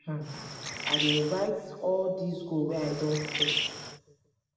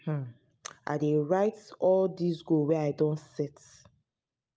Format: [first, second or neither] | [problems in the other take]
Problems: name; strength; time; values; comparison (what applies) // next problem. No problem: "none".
second | background sound (Bird); 1 dB below the speech // room echo; dies away in 1.2 s